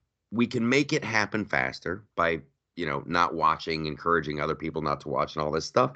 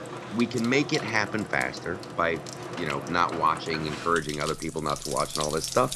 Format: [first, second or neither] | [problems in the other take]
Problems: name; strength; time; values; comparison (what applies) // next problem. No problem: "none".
first | household noises; loud; throughout; 8 dB below the speech